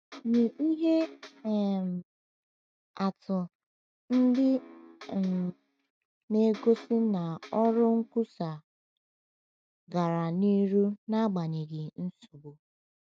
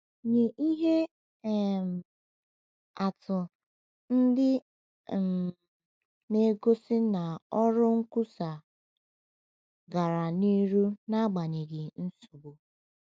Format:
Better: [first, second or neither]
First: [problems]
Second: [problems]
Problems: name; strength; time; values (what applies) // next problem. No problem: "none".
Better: second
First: noise reduction (neural mask model RNNoise)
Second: none